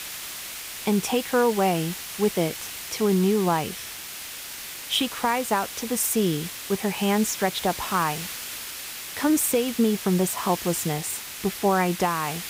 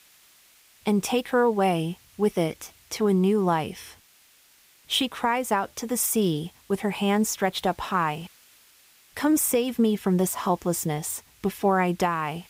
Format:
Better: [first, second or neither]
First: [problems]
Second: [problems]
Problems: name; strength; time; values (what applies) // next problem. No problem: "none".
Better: second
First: hiss; loud; throughout; 9 dB below the speech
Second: hiss; faint; throughout; 30 dB below the speech